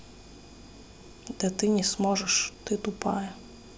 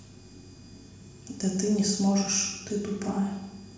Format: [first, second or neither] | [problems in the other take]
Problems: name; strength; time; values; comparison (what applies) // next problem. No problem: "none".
first | room echo; dies away in 1.1 s